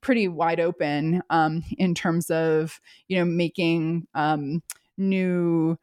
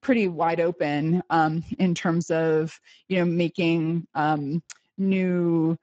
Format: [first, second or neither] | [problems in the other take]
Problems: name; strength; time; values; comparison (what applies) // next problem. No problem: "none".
first | garbled, watery; badly; nothing above 7.5 kHz